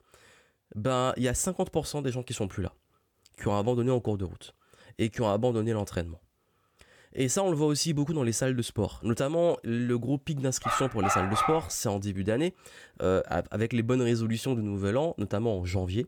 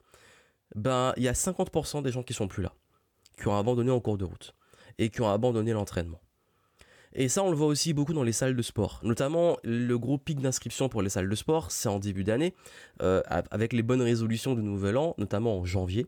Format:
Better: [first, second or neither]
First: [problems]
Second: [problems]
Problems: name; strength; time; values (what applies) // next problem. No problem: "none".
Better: second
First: dog barking; loud; at 11 s; peak 2 dB above the speech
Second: none